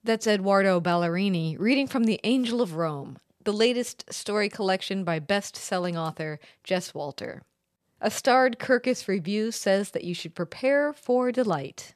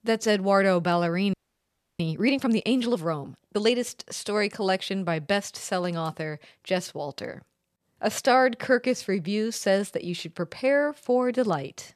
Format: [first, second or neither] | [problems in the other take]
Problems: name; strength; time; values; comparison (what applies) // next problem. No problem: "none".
first | audio freezing; at 1.5 s for 0.5 s